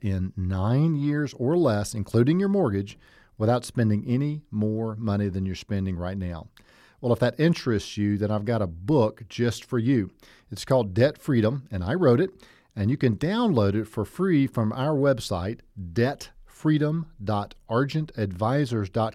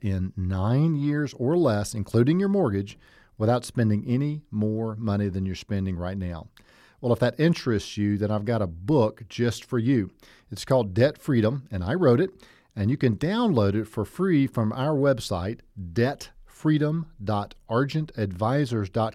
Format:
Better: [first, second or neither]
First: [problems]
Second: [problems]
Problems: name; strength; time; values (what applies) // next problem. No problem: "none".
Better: neither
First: none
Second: none